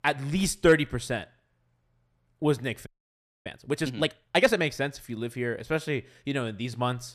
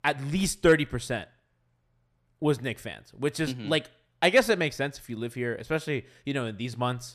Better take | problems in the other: second | audio freezing; at 3 s for 0.5 s

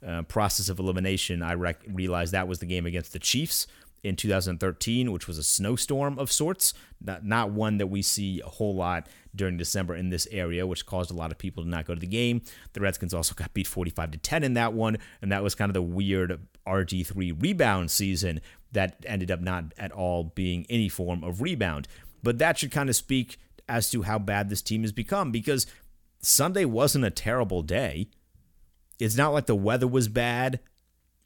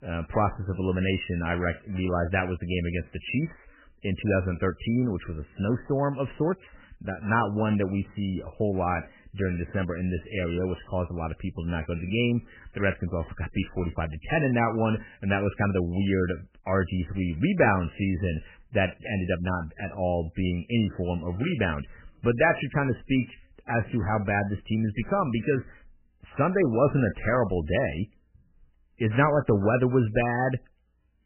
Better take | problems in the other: first | garbled, watery; badly; nothing above 3 kHz

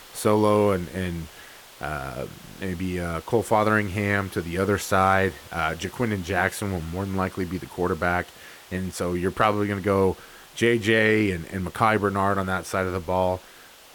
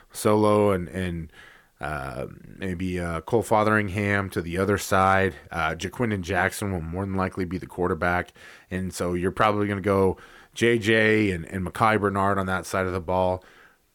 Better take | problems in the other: second | hiss; faint; throughout; 20 dB below the speech

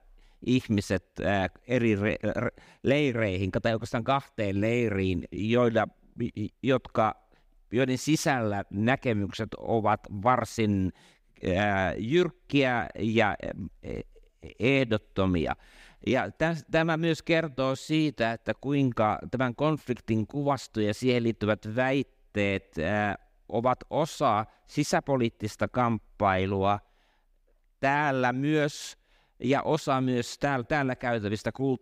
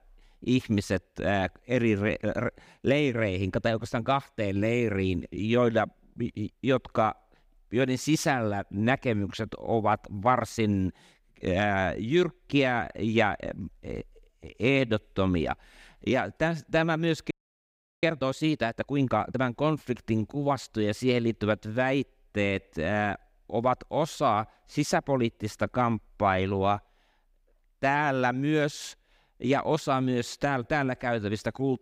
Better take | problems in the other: first | audio freezing; at 17 s for 0.5 s

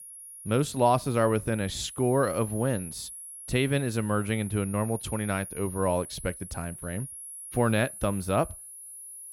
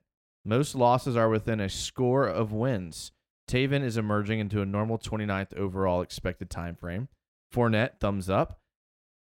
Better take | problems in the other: second | high-pitched whine; noticeable; throughout; 10.5 kHz, 10 dB below the speech

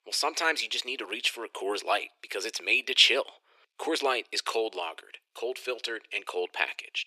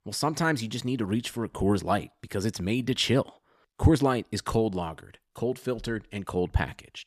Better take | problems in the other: second | thin; very; fading below 400 Hz

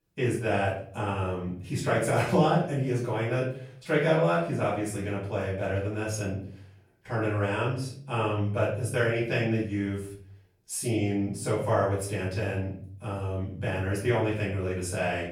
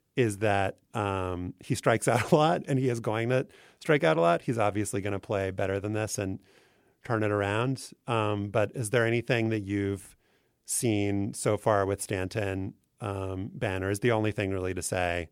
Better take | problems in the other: second | off-mic speech; far // room echo; noticeable; dies away in 0.5 s

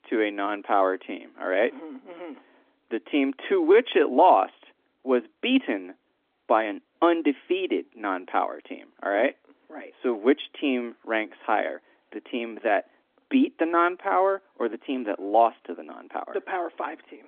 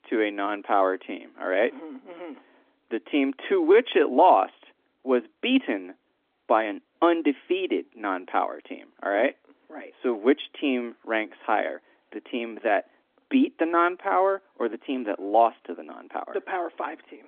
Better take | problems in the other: neither | phone-call audio; nothing above 3.5 kHz; the same in both

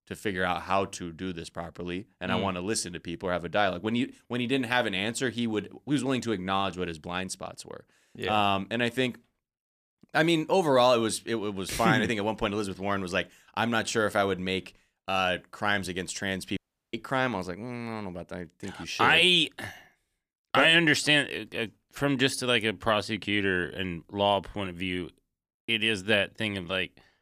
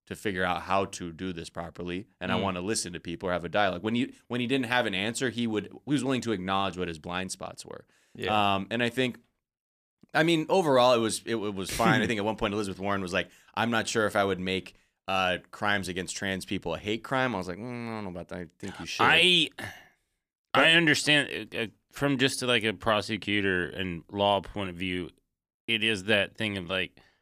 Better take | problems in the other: second | audio cutting out; at 17 s

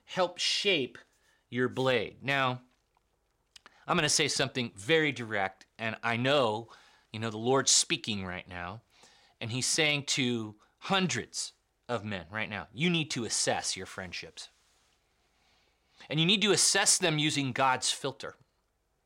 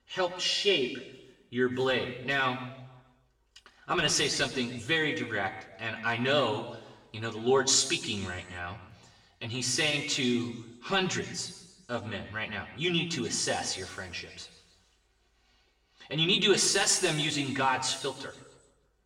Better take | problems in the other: first | room echo; noticeable; dies away in 1.1 s // off-mic speech; far

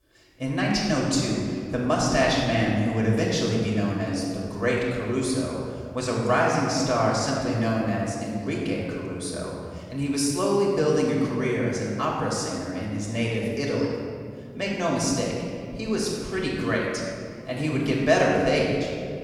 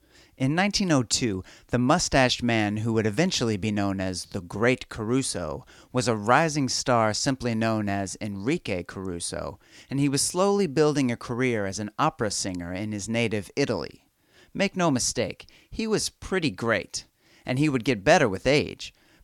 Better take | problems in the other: second | off-mic speech; far // room echo; noticeable; dies away in 2.1 s

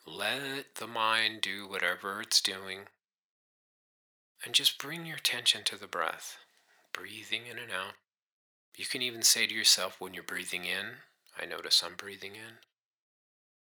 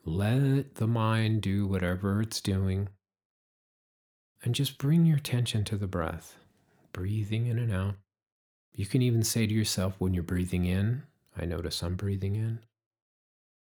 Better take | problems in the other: second | thin; very; fading below 750 Hz

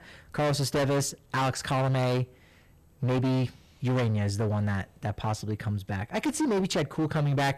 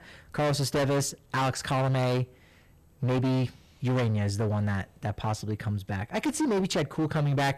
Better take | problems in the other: neither | distortion; heavy; 21% of the sound clipped; the same in both

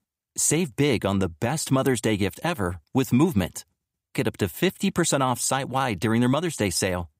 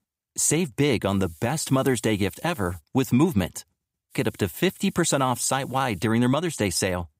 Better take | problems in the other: first | hiss; faint; from 1 to 3 s and from 4 to 6 s; 25 dB below the speech

